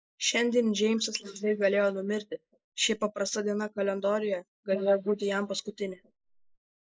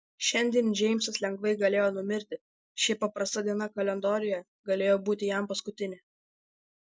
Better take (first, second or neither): second